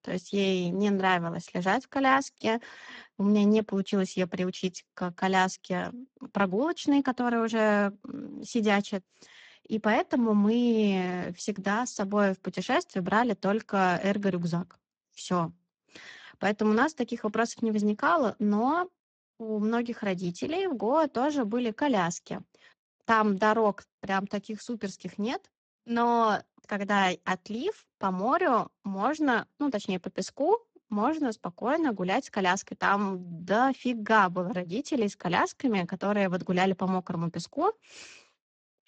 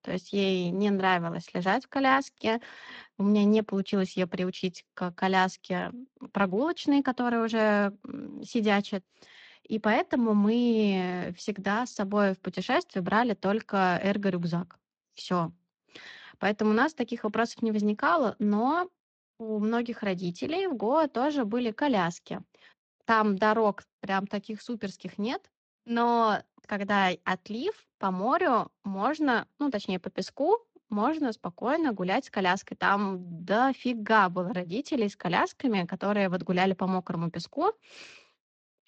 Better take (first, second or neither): second